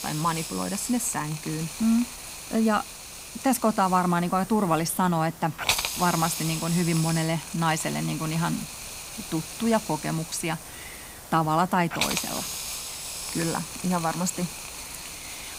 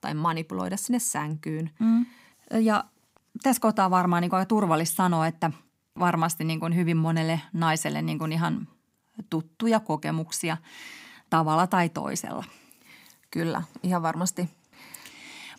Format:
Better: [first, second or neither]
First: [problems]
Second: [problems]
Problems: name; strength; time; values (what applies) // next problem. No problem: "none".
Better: second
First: hiss; loud; throughout; 6 dB below the speech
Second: none